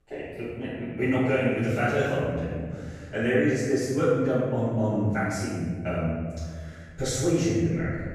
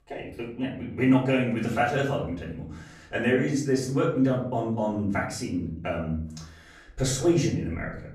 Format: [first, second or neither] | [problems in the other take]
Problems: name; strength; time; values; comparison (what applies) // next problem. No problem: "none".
second | room echo; strong; dies away in 1.8 s; slight in the second // off-mic speech; far; far in the second